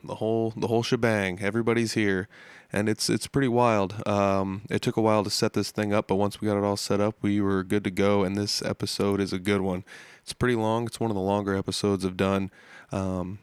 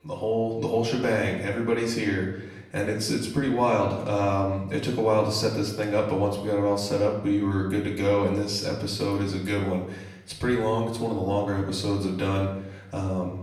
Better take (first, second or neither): first